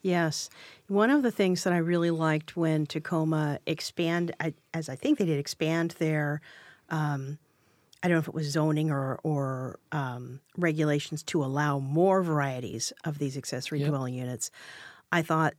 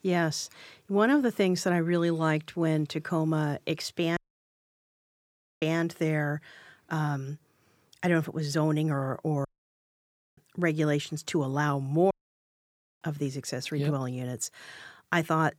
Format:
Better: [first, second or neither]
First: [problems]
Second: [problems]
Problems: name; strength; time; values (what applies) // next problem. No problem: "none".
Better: first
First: none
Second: audio cutting out; at 4 s for 1.5 s, at 9.5 s for 1 s and at 12 s for 1 s